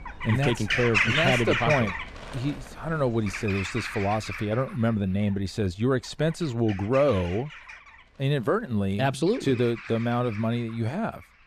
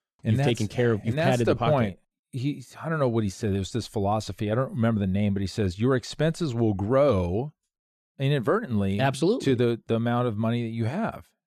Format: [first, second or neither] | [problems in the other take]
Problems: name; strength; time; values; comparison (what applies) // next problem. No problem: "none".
second | animal sounds; loud; throughout; 3 dB below the speech